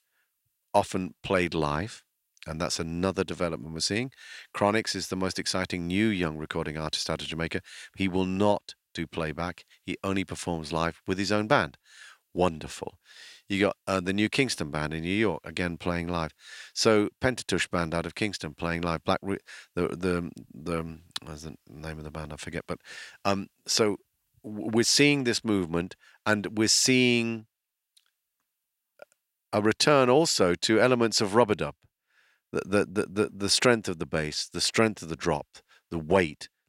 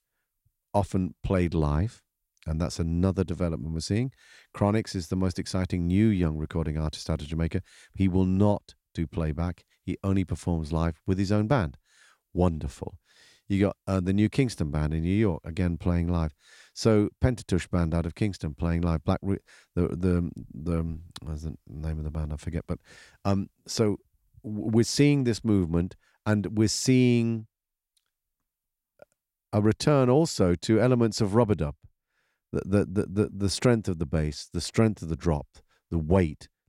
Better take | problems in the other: second | thin; somewhat; fading below 650 Hz

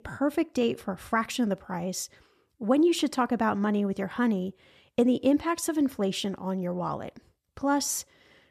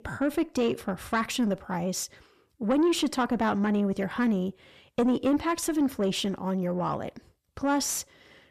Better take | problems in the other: first | distortion; slight; 10 dB below the speech

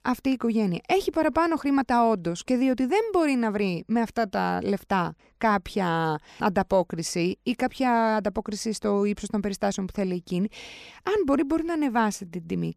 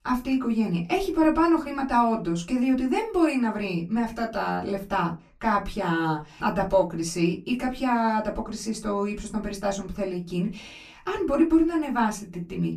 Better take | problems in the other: first | off-mic speech; far // room echo; very slight; dies away in 0.2 s

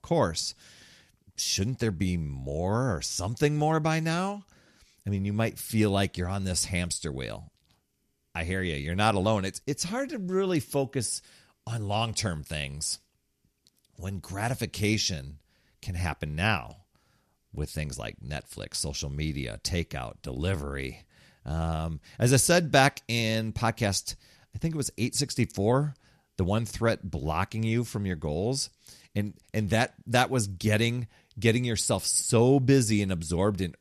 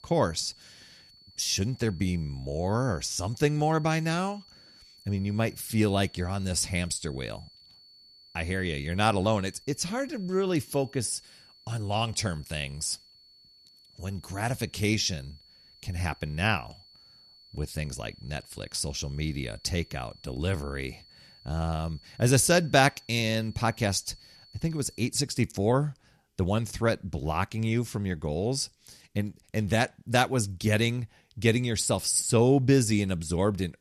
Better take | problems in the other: first | high-pitched whine; faint; until 25 s; 4.5 kHz, 25 dB below the speech

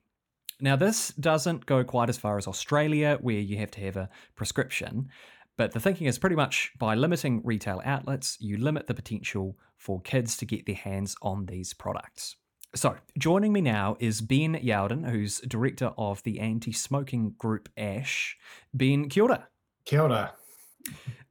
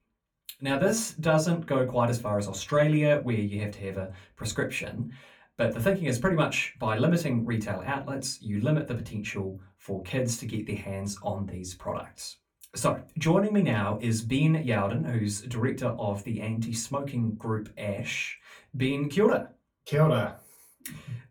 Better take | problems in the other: first | off-mic speech; far // room echo; very slight; dies away in 0.2 s

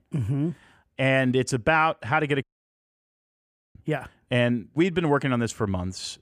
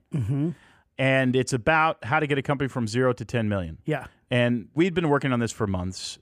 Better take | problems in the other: second | audio cutting out; at 2.5 s for 1.5 s

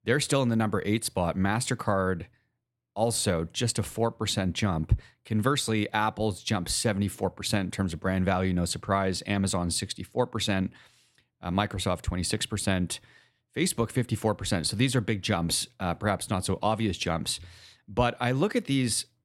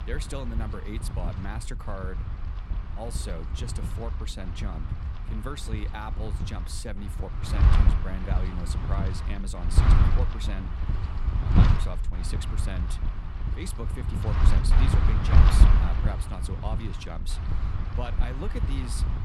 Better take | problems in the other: first | wind noise on the microphone; heavy; 1 dB above the speech

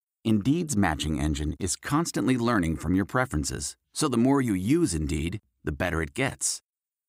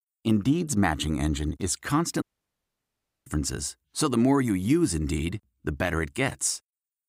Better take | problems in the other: first | audio cutting out; at 2 s for 1 s

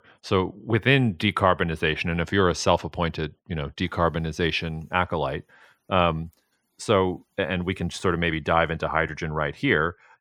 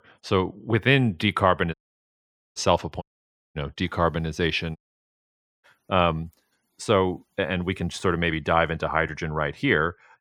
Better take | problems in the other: first | audio cutting out; at 1.5 s for 1 s, at 3 s for 0.5 s and at 5 s for 1 s

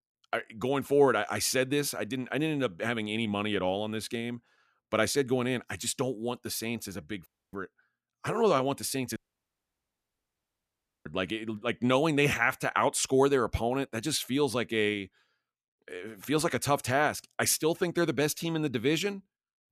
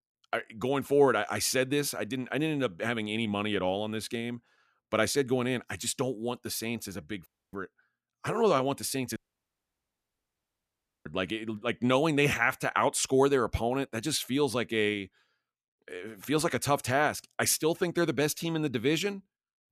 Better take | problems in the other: neither | audio cutting out; at 7.5 s and at 9 s for 2 s; the same in both

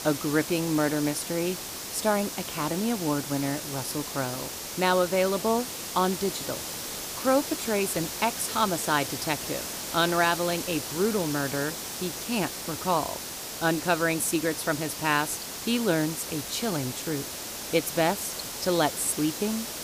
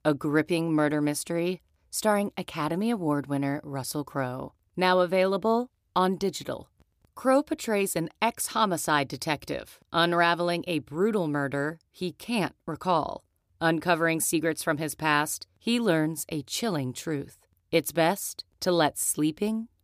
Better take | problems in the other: second | hiss; loud; throughout; 5 dB below the speech

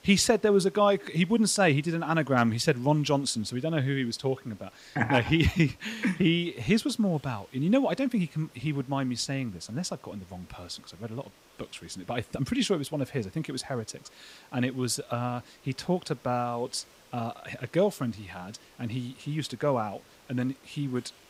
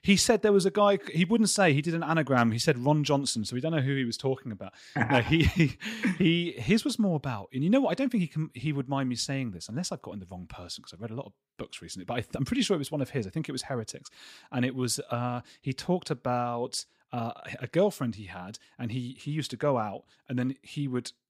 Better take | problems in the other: second | hiss; faint; throughout; 30 dB below the speech

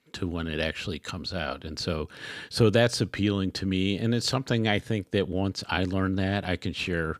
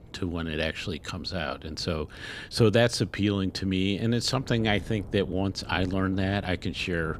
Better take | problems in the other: first | wind noise on the microphone; occasional gusts; 25 dB below the speech

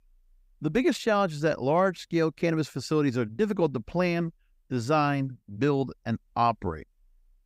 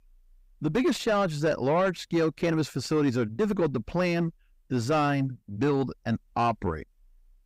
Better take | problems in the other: first | distortion; slight; 10 dB below the speech

